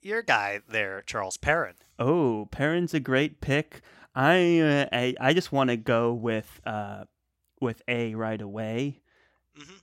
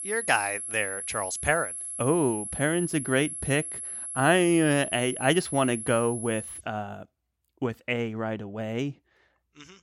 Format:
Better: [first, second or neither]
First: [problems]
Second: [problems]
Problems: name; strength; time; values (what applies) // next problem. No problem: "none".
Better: first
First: none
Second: high-pitched whine; loud; until 6.5 s; 11 kHz, 6 dB below the speech